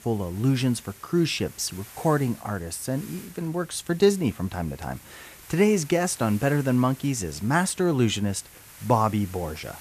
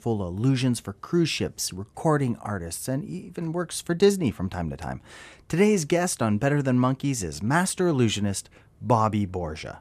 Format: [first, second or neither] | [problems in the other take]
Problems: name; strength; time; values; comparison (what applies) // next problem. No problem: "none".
second | hiss; faint; throughout; 20 dB below the speech